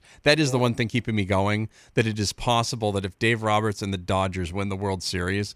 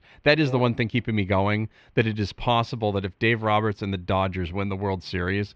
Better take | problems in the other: first | muffled; slightly; fading above 3.5 kHz

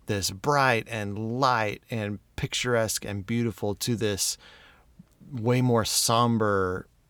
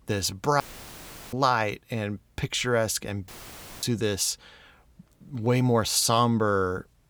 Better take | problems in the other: first | audio cutting out; filled with static; at 0.5 s for 0.5 s and at 3.5 s for 0.5 s

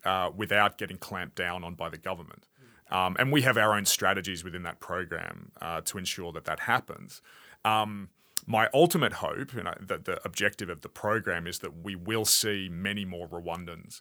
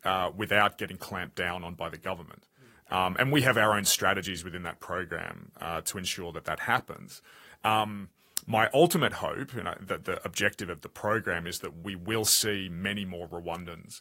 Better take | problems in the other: first | garbled, watery; slightly; nothing above 15.5 kHz

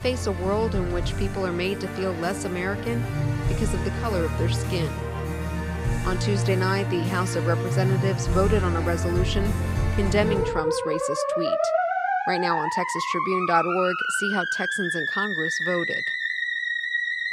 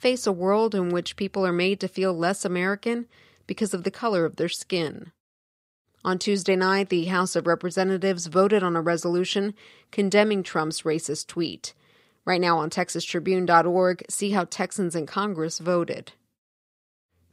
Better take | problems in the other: second | background music; very loud; throughout; 1 dB above the speech

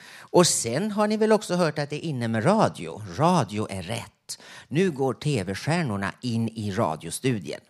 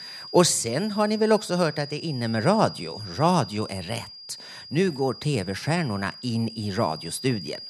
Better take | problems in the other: first | high-pitched whine; noticeable; throughout; 5 kHz, 15 dB below the speech

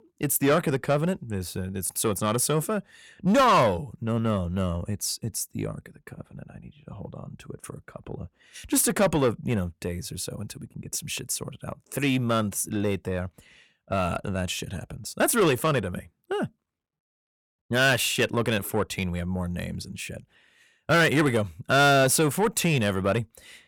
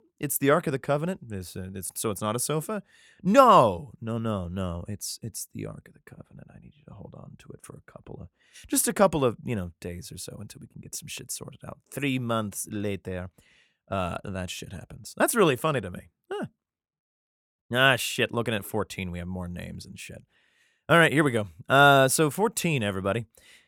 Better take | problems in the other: second | distortion; heavy; 7 dB below the speech

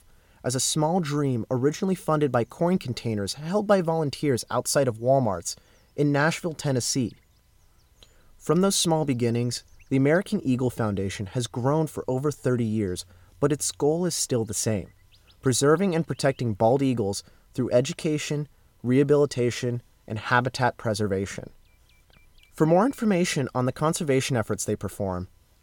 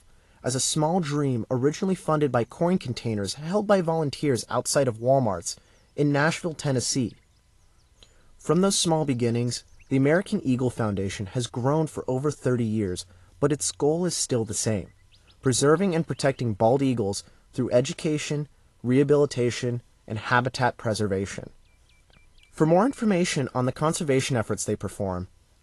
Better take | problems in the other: first | garbled, watery; slightly; nothing above 11 kHz

